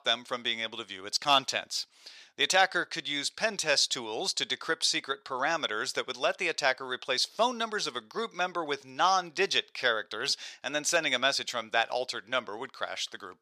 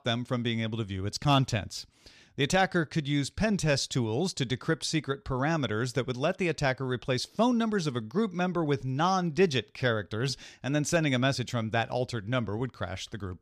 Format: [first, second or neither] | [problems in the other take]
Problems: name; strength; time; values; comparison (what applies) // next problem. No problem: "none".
second | thin; very; fading below 650 Hz